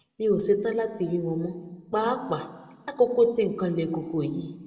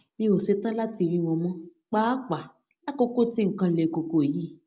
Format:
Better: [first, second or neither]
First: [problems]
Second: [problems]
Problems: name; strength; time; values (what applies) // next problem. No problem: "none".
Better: second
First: room echo; dies away in 1.7 s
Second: none